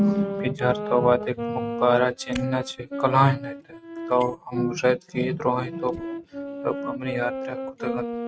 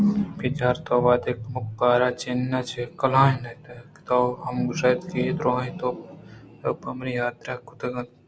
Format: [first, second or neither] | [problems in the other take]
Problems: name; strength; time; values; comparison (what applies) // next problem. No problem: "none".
second | noise reduction (neural mask model RNNoise)